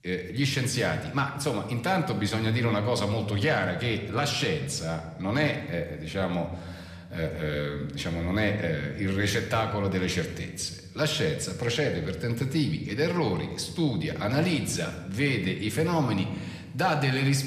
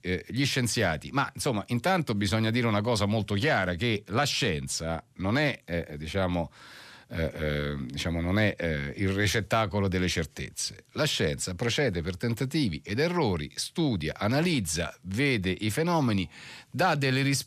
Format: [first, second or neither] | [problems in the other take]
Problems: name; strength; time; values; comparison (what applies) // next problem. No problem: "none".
second | room echo; slight; dies away in 0.9 s